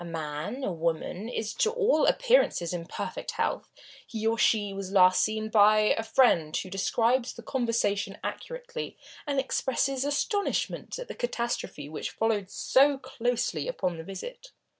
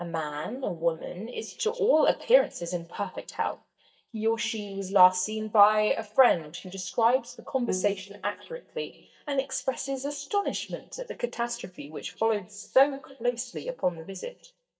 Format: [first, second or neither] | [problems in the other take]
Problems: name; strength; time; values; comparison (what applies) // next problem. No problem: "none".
first | noise reduction (neural mask model DeepFilterNet 3)